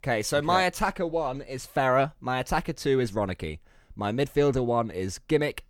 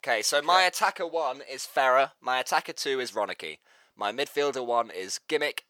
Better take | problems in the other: first | thin; very; fading below 600 Hz

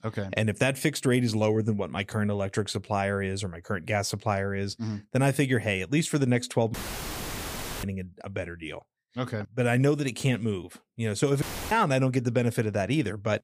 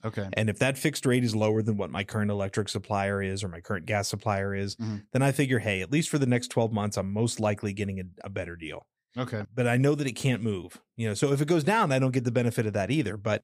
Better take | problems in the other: second | audio cutting out; filled with static; at 6.5 s for 1 s and at 11 s

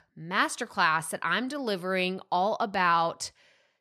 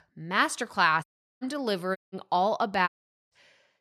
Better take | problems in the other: first | audio cutting out; at 1 s, at 2 s and at 3 s

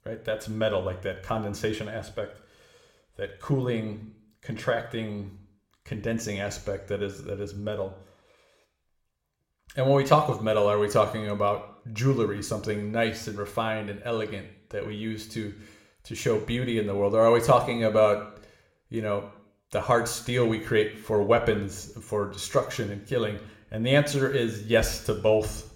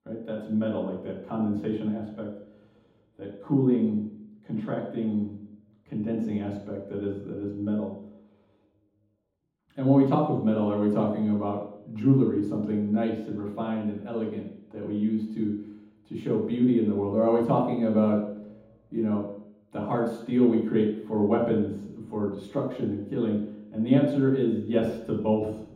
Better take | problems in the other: first | room echo; strong; dies away in 0.9 s; slight in the first // off-mic speech; far

